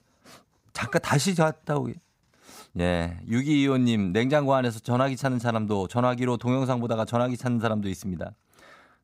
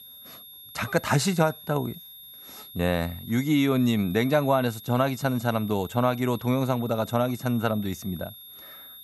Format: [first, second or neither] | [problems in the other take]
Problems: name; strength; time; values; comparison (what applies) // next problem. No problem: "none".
first | high-pitched whine; noticeable; throughout; 3.5 kHz, 15 dB below the speech